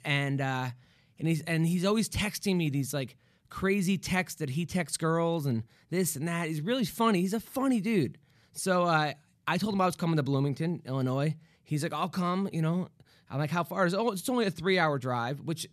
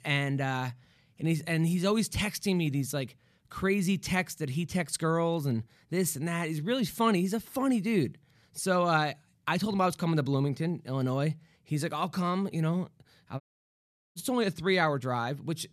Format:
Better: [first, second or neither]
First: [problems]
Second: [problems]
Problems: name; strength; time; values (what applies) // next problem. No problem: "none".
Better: first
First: none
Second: audio cutting out; at 13 s for 1 s